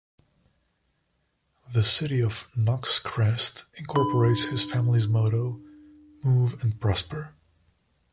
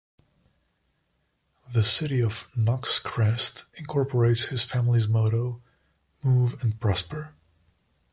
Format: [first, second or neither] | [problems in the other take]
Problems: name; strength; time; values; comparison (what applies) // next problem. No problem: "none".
second | background sound (Bell); 9 dB below the speech